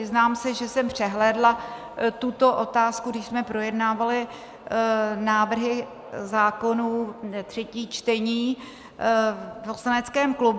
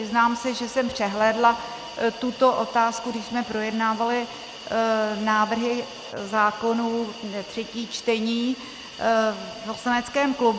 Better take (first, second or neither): first